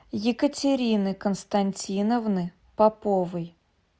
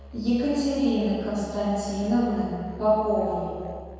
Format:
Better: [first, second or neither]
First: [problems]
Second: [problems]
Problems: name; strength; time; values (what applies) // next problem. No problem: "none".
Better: first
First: none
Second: background sound (Musical instrument); 17 dB below the speech // room echo; dies away in 1.9 s